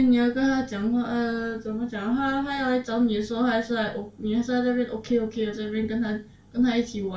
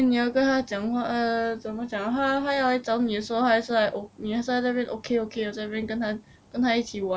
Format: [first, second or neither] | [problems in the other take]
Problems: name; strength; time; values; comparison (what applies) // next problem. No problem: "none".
second | room echo; dies away in 0.3 s